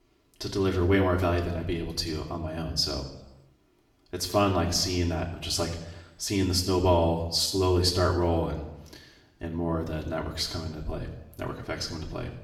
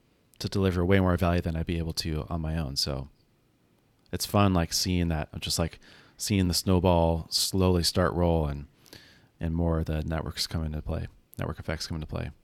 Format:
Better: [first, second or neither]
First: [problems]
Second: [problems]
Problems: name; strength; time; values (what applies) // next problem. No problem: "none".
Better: second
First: room echo; slight; dies away in 0.8 s // off-mic speech; far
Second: none